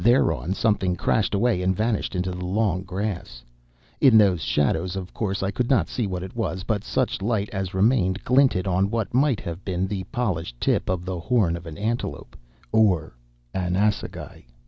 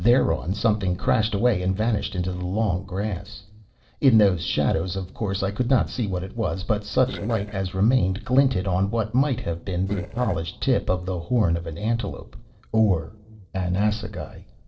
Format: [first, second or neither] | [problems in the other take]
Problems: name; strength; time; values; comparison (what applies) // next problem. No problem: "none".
first | noise reduction (neural separator model SepFormer DNS4)